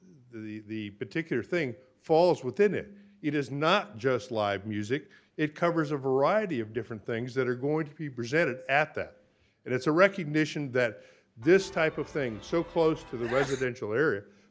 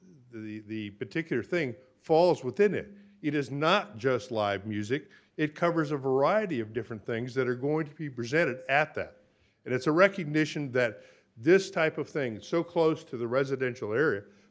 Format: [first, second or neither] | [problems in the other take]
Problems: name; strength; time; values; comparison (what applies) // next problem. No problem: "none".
second | background sound (Sneeze / Church bell); 14 dB below the speech